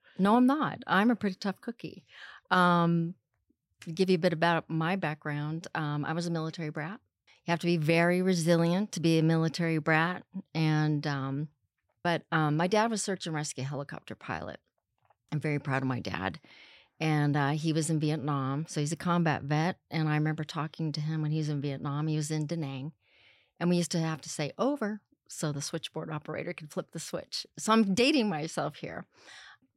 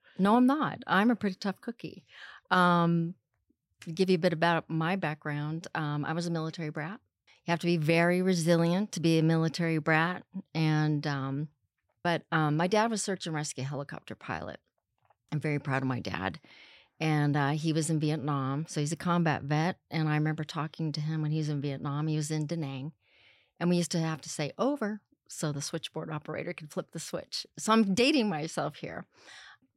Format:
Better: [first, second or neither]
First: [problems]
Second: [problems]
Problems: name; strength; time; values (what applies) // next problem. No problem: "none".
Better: neither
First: none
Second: none